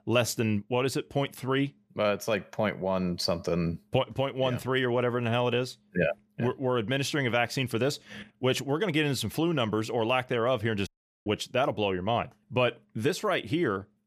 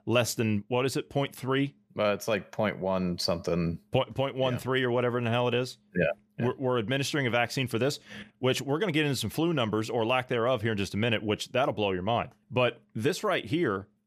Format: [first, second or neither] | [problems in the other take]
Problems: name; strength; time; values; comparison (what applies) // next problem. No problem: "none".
second | audio cutting out; at 11 s